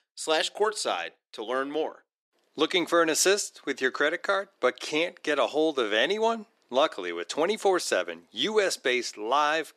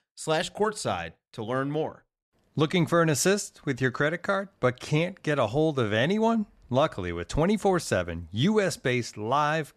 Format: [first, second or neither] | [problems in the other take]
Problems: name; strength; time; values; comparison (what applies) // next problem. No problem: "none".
second | thin; somewhat; fading below 350 Hz